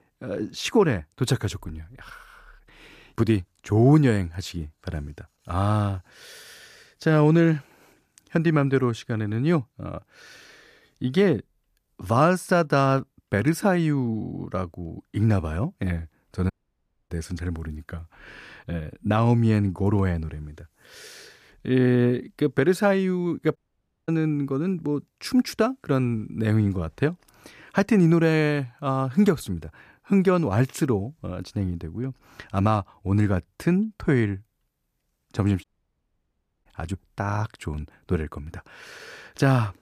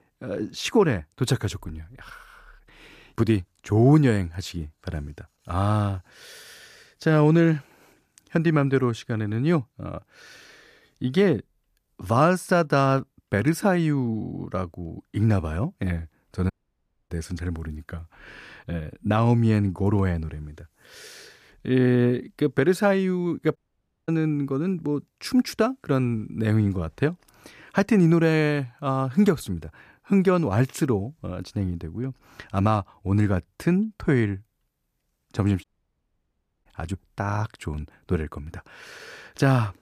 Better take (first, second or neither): neither